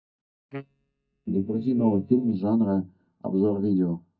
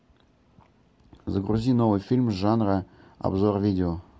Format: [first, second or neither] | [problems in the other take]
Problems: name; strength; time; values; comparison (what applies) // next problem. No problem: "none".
second | noise reduction (neural mask model DeepFilterNet 3)